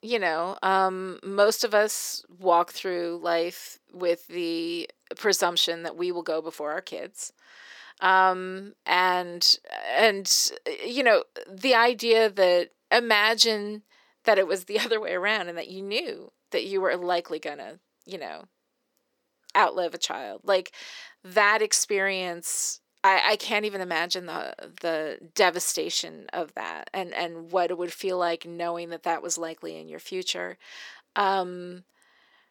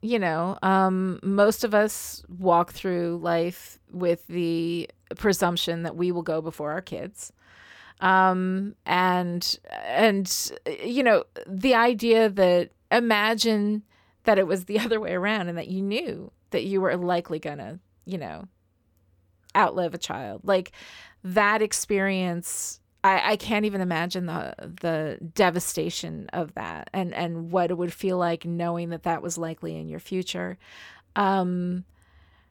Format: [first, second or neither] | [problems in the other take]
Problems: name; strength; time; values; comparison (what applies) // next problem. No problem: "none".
second | thin; somewhat; fading below 300 Hz